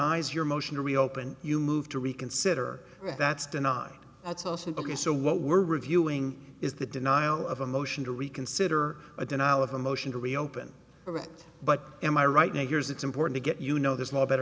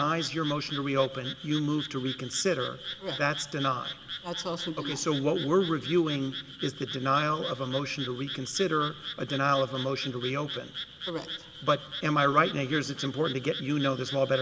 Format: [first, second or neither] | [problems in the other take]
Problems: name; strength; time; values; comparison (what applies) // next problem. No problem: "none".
first | background sound (Frog); 11 dB below the speech